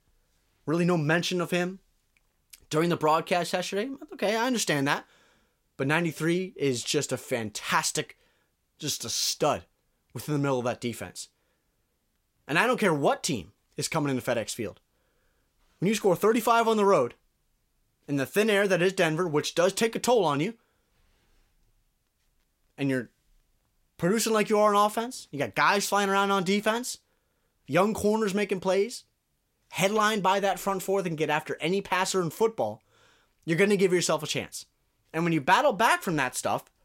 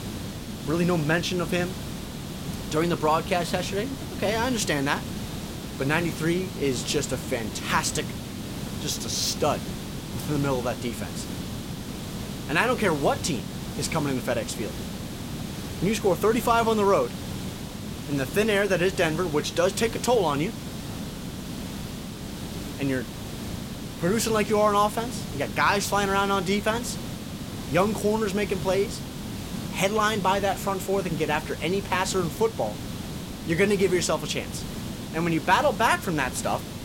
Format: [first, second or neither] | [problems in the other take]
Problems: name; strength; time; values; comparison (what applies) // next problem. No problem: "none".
first | hiss; loud; throughout; 9 dB below the speech